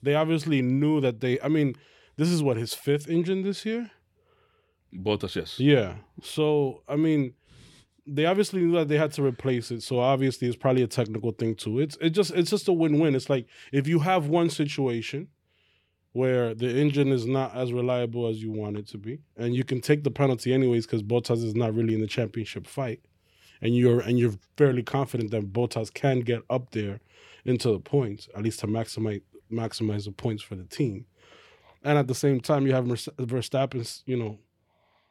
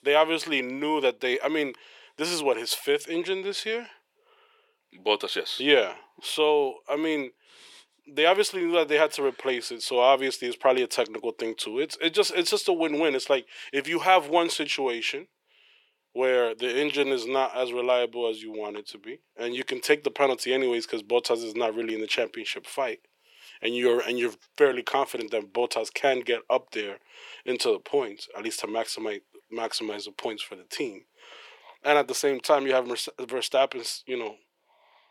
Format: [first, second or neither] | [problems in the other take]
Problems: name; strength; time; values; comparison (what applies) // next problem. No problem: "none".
first | thin; very; fading below 450 Hz